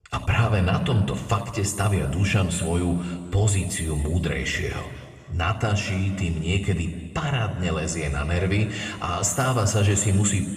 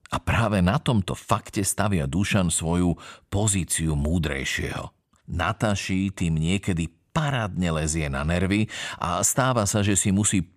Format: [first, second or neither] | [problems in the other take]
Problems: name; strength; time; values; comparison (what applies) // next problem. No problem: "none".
second | room echo; noticeable; dies away in 1.6 s // off-mic speech; far